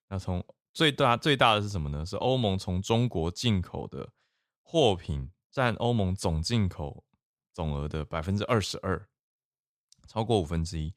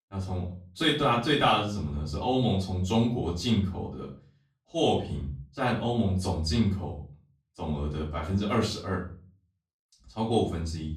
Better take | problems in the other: first | off-mic speech; far // room echo; slight; dies away in 0.4 s

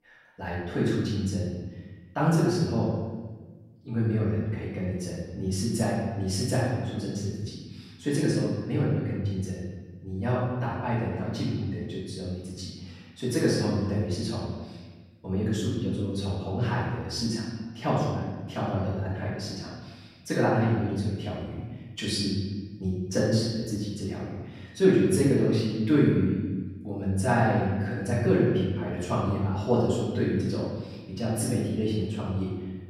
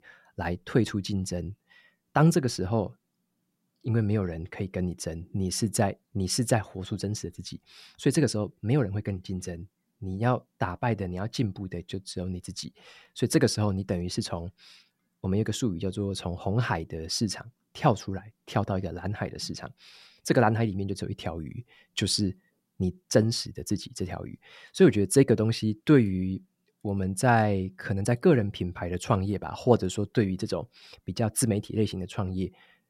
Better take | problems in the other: second | room echo; noticeable; dies away in 1.3 s // off-mic speech; far

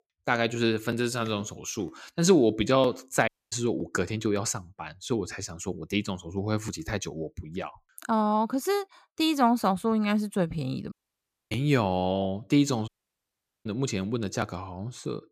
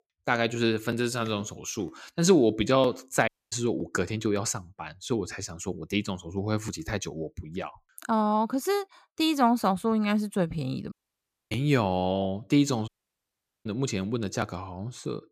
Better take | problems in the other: neither | audio cutting out; at 3.5 s, at 11 s for 0.5 s and at 13 s for 1 s; the same in both

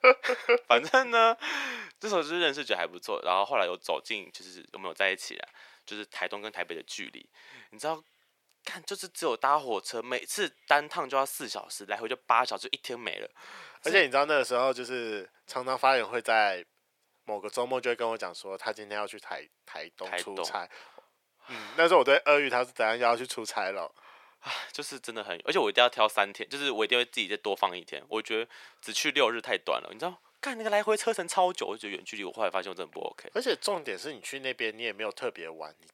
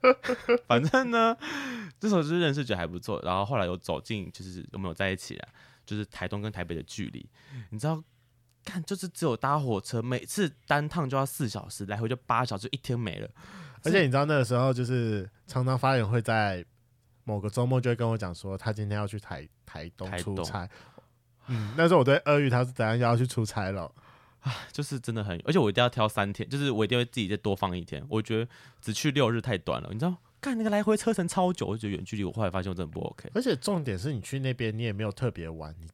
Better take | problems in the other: second | thin; very; fading below 400 Hz

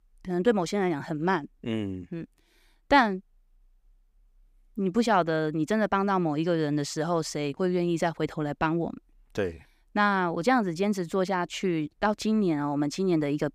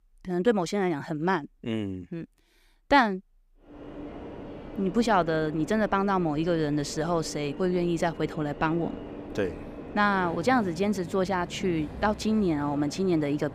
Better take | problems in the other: first | train or aircraft noise; noticeable; from 3.5 s on; 15 dB below the speech

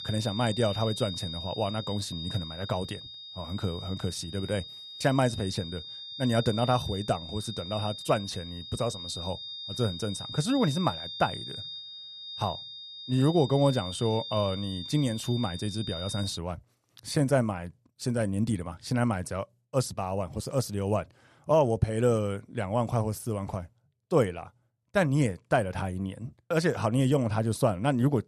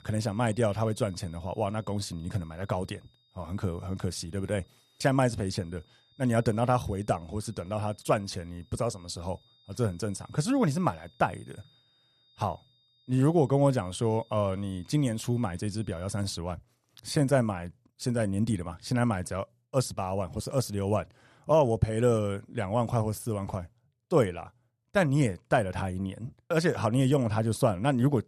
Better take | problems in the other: second | high-pitched whine; loud; until 16 s; 3.5 kHz, 9 dB below the speech; faint in the second

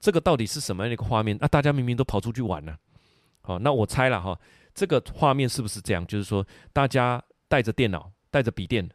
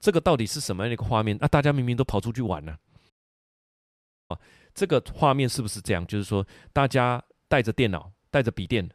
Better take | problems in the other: first | audio cutting out; at 3 s for 1 s

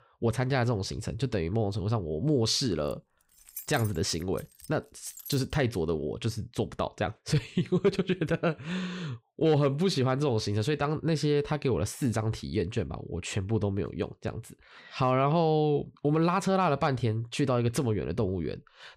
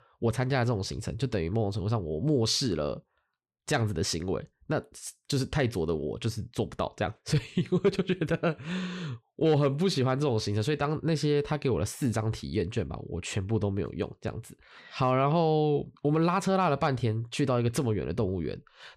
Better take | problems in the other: second | jangling keys; faint; from 3 to 5.5 s; peak 10 dB below the speech

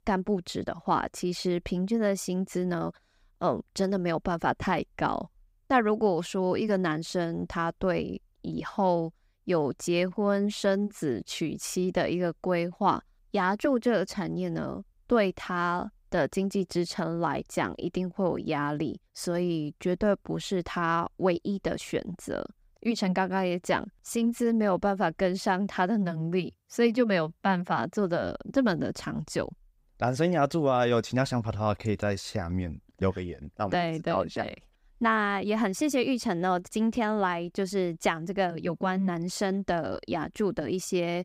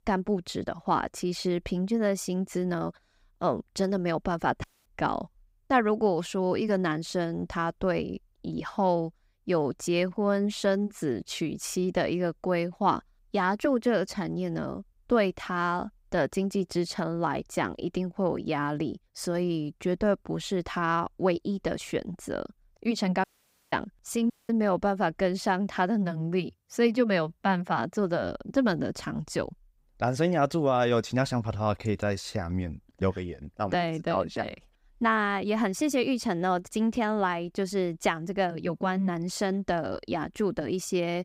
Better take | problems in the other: first | audio cutting out; at 4.5 s, at 23 s and at 24 s

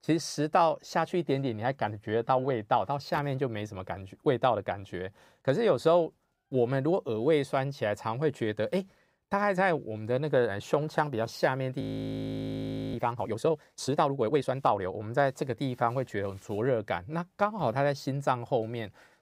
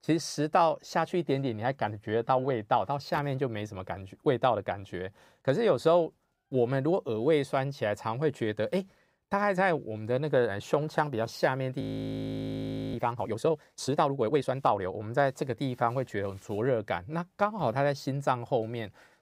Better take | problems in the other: neither | audio freezing; at 12 s for 1 s; the same in both

